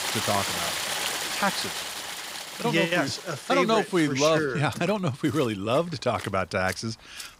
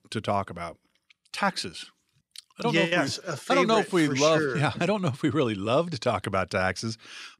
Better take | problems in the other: second | rain or running water; loud; throughout; 5 dB below the speech

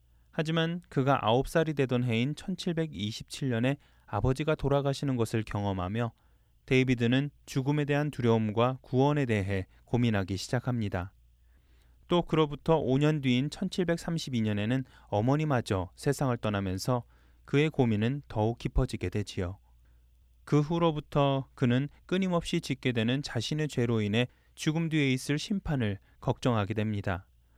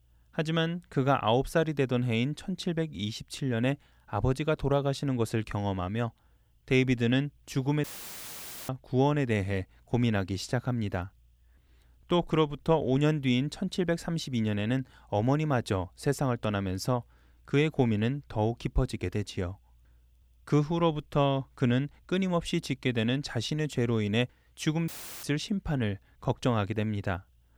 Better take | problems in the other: first | audio cutting out; filled with static; at 8 s for 1 s and at 25 s

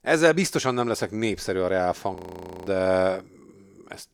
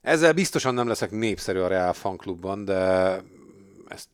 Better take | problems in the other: second | audio freezing; at 2 s for 0.5 s

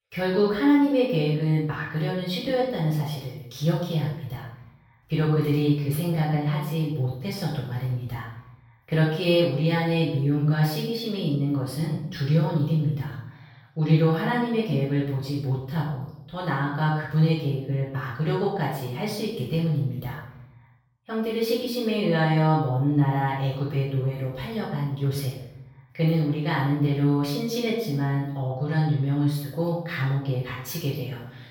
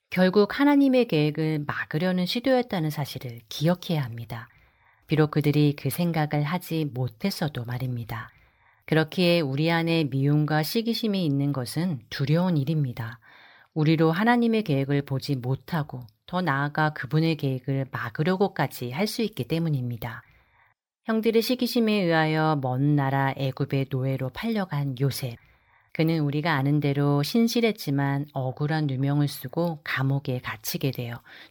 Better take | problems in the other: second | off-mic speech; far // room echo; noticeable; dies away in 0.7 s

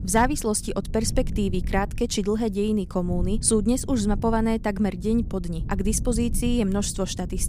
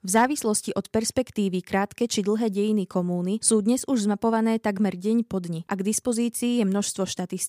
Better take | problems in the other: second | low rumble; noticeable; throughout; 20 dB below the speech

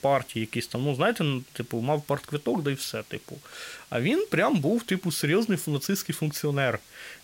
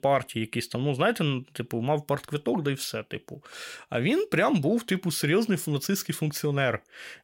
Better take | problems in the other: second | hiss; faint; throughout; 25 dB below the speech

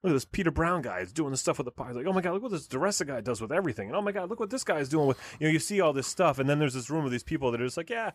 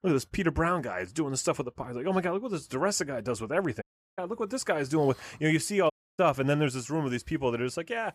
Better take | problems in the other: first | audio cutting out; at 4 s and at 6 s

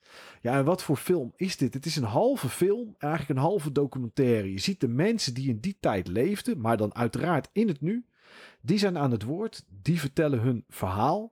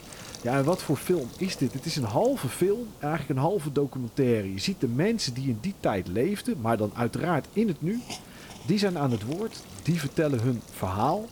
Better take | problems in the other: first | hiss; noticeable; throughout; 15 dB below the speech

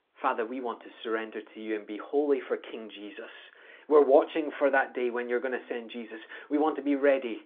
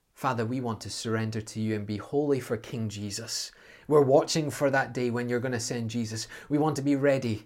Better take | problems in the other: second | phone-call audio; nothing above 3.5 kHz

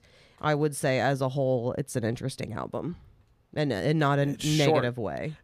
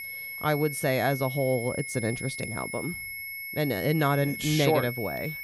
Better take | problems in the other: first | high-pitched whine; loud; throughout; 2 kHz, 7 dB below the speech

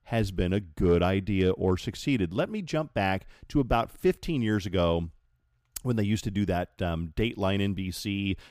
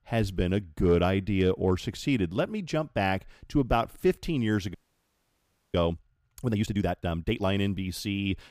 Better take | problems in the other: first | audio freezing; at 4.5 s for 1 s

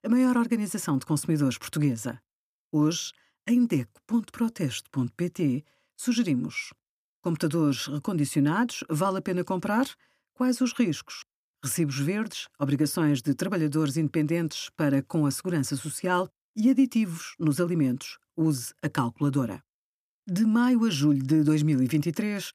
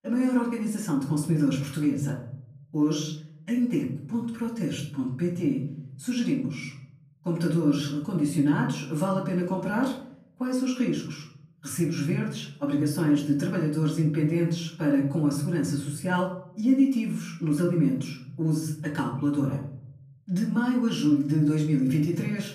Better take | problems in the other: first | off-mic speech; far // room echo; noticeable; dies away in 0.8 s

